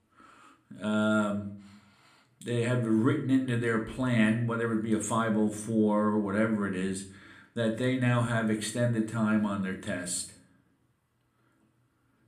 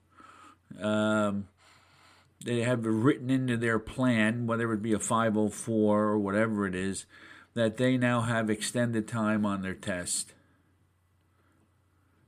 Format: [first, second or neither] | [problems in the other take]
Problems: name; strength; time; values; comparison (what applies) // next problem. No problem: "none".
second | room echo; very slight; dies away in 0.4 s